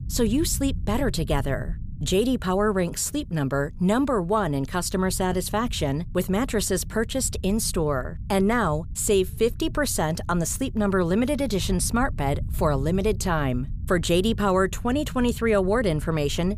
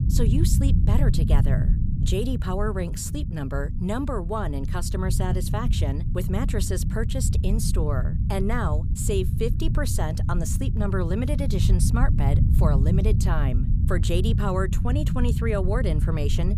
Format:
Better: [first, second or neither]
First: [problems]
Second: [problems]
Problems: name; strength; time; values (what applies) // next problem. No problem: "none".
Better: first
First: low rumble; faint; throughout; 25 dB below the speech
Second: low rumble; loud; throughout; 7 dB below the speech